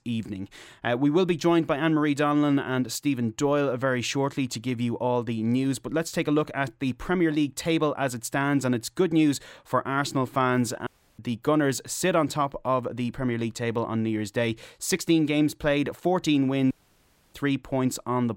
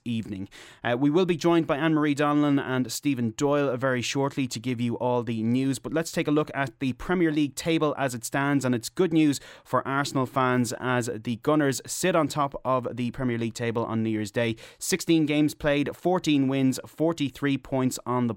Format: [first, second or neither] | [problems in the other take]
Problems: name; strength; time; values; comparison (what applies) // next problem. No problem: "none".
second | audio cutting out; at 11 s and at 17 s for 0.5 s